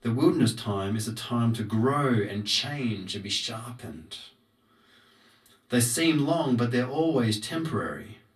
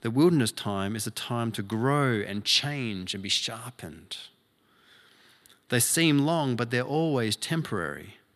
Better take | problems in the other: second | off-mic speech; far // room echo; very slight; dies away in 0.2 s

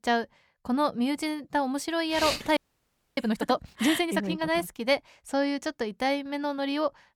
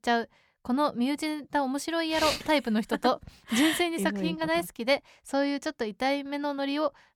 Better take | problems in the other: second | audio freezing; at 2.5 s for 0.5 s

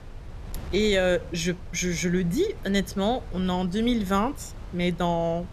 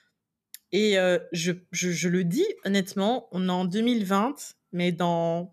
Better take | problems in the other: second | wind noise on the microphone; occasional gusts; 20 dB below the speech

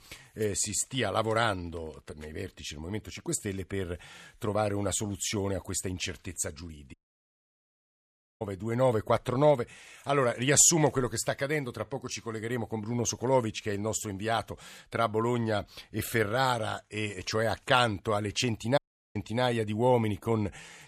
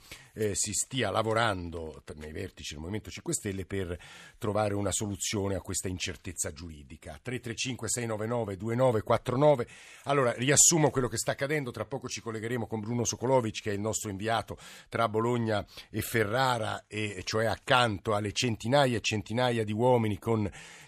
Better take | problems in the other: second | audio cutting out; at 7 s for 1.5 s and at 19 s

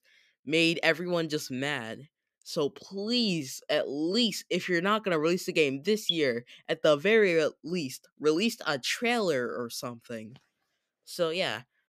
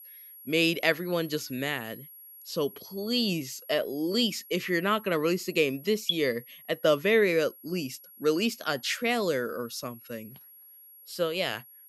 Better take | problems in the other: first | high-pitched whine; noticeable; throughout; 11.5 kHz, 20 dB below the speech

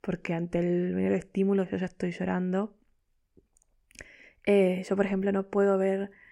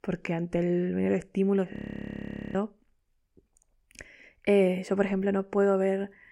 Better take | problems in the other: first | audio freezing; at 1.5 s for 1 s

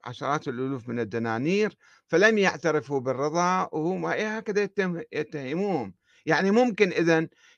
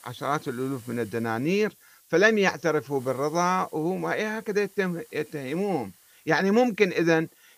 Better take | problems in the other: first | hiss; faint; throughout; 25 dB below the speech

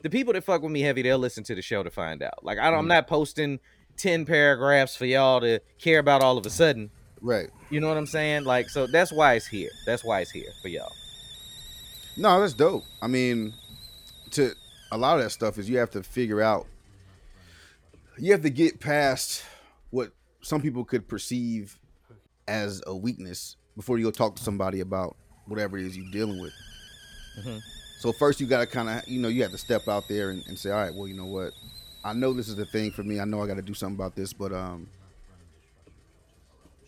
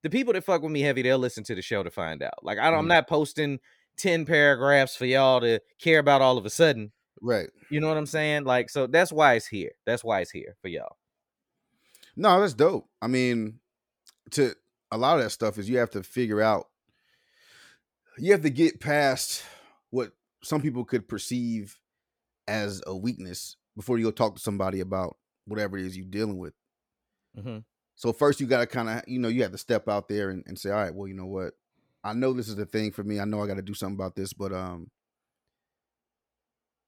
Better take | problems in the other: second | hiss; noticeable; throughout; 20 dB below the speech

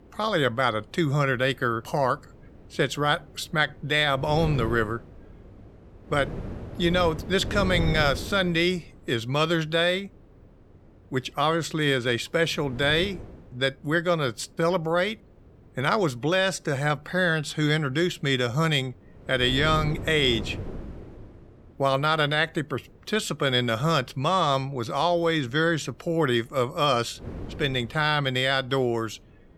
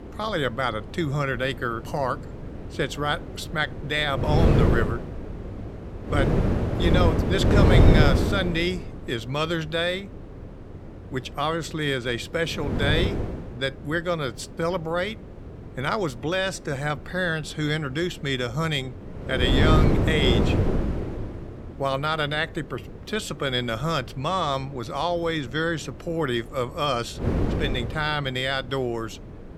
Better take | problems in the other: first | wind noise on the microphone; heavy; 4 dB below the speech; occasional gusts in the first

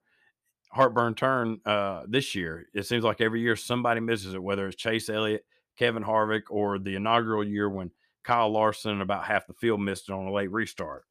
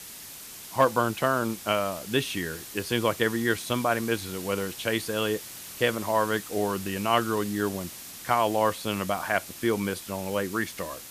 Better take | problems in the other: first | hiss; noticeable; throughout; 10 dB below the speech

